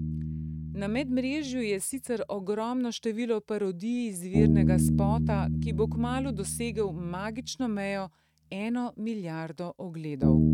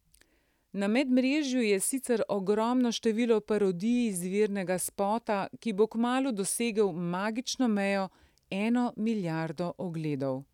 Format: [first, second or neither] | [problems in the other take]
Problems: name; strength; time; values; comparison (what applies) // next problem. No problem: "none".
second | noise reduction (neural mask model RNNoise)